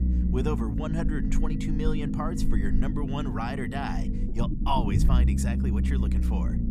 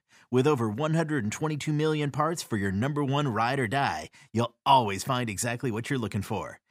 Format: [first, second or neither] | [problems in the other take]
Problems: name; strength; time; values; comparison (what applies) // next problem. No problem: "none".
second | low rumble; loud; throughout; 3 dB below the speech